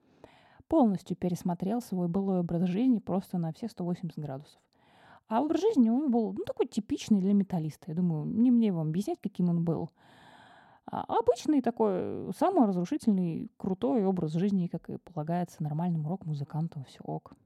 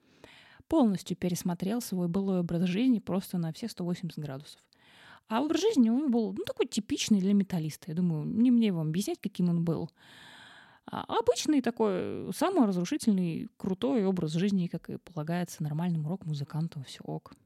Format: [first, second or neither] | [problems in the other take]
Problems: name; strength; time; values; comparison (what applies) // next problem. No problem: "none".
second | muffled; slightly; fading above 1.5 kHz